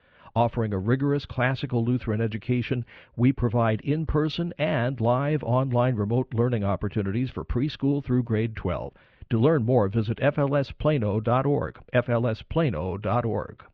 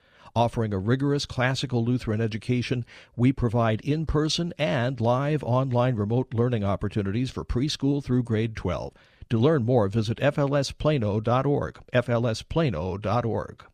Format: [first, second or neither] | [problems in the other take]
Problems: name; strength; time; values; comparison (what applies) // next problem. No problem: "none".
second | muffled; slightly; fading above 3 kHz